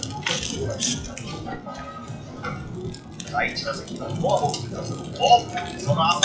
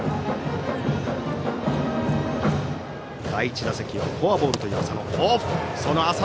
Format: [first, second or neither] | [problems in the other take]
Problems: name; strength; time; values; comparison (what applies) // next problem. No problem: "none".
second | noise reduction (classical method WPE with log-MMSE)